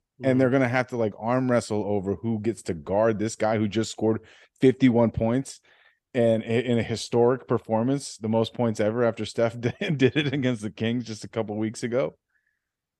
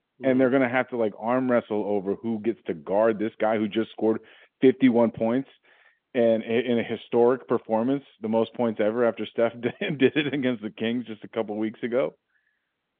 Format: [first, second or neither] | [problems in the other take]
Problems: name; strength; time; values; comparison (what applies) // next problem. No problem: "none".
first | phone-call audio; nothing above 3.5 kHz